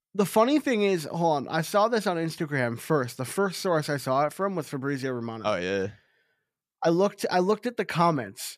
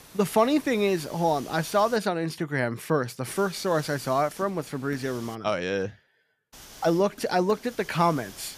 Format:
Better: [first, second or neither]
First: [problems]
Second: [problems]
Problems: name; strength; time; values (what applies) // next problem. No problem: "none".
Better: first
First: none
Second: hiss; noticeable; until 2 s, from 3.5 to 5.5 s and from 6.5 s on; 20 dB below the speech